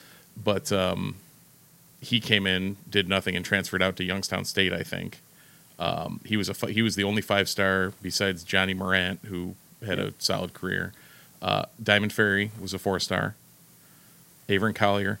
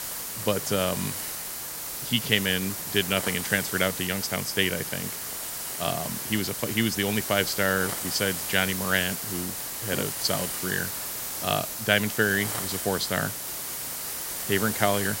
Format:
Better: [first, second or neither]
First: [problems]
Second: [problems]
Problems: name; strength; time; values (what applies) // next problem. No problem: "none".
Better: first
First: hiss; faint; throughout; 25 dB below the speech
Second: hiss; loud; throughout; 3 dB below the speech